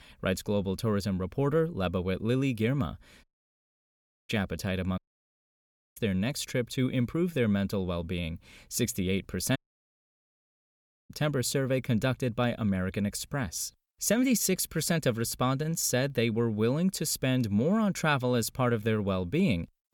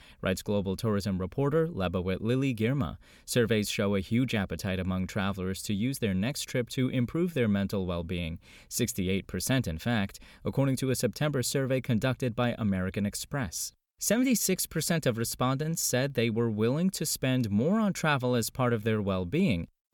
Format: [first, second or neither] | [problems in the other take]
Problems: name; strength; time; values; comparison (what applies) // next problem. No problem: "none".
second | audio cutting out; at 3 s for 1 s, at 5 s for 1 s and at 9.5 s for 1.5 s